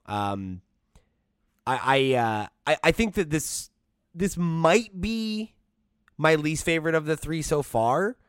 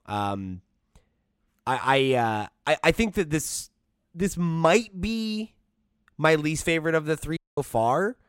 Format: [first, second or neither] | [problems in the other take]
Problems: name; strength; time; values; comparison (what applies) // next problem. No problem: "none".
first | audio cutting out; at 7.5 s